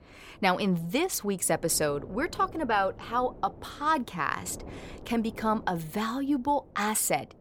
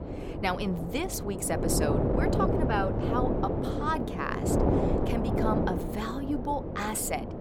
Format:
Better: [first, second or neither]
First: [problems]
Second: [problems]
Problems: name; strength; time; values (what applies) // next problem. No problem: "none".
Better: first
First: wind noise on the microphone; occasional gusts; 25 dB below the speech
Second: wind noise on the microphone; heavy; 1 dB below the speech